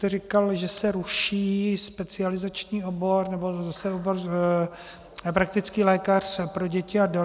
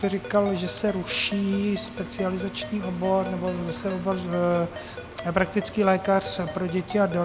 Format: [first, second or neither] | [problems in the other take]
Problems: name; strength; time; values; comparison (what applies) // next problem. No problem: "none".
first | background sound (Engine + Ringtone); 11 dB below the speech